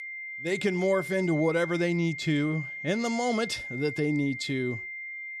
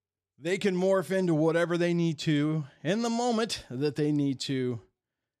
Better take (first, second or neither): second